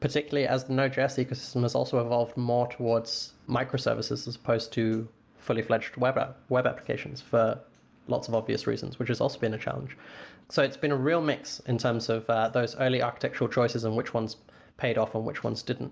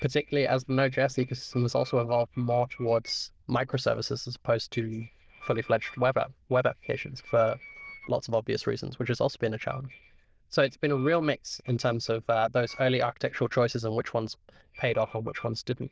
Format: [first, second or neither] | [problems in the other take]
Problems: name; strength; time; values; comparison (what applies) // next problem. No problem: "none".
first | noise reduction (neural diffusion model UNIVERSE++)